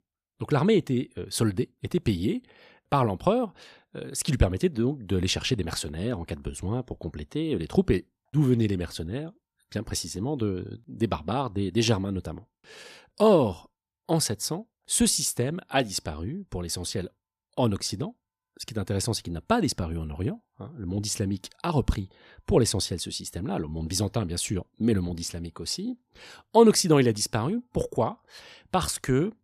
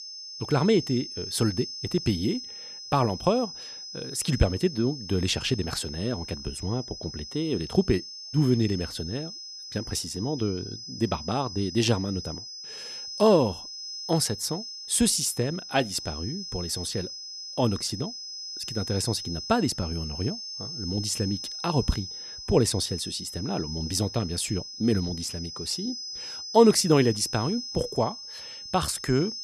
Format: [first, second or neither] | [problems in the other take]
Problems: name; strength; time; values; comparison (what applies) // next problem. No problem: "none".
first | high-pitched whine; loud; throughout; 5 kHz, 9 dB below the speech